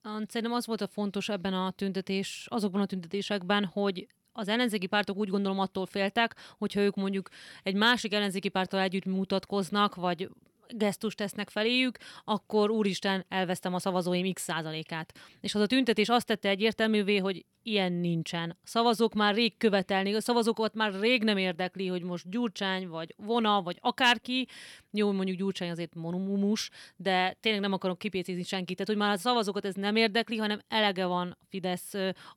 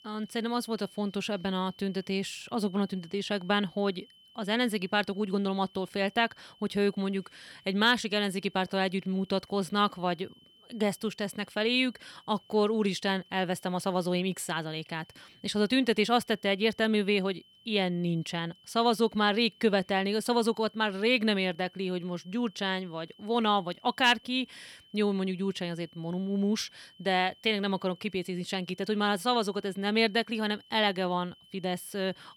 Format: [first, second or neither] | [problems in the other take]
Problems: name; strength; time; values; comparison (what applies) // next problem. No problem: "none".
first | high-pitched whine; faint; throughout; 3 kHz, 25 dB below the speech